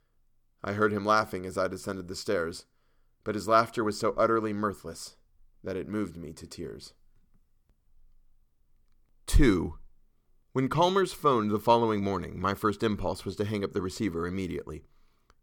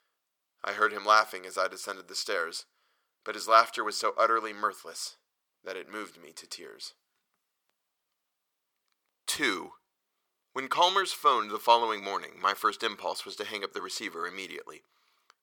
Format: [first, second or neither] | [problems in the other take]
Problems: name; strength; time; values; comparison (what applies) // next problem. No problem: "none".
first | thin; very; fading below 700 Hz